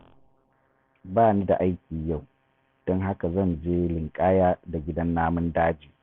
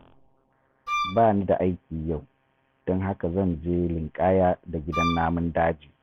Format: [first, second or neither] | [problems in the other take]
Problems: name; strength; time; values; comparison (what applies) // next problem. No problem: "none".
first | background sound (Wind instrument, woodwind instrument); 5 dB below the speech